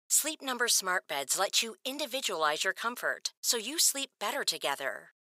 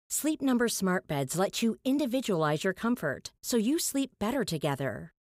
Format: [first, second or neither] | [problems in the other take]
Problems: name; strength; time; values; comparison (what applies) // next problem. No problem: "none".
second | thin; very; fading below 800 Hz